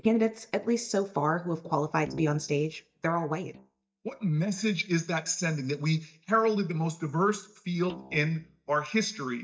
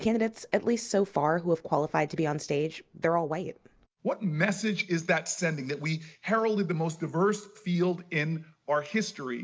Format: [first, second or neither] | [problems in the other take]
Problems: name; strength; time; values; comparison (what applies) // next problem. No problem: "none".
second | noise reduction (neural mask model DeepFilterNet 3)